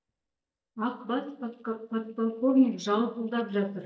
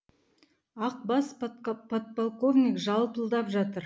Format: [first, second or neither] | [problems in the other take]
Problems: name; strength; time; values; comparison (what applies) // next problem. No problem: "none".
second | noise reduction (neural mask model DeepFilterNet 3)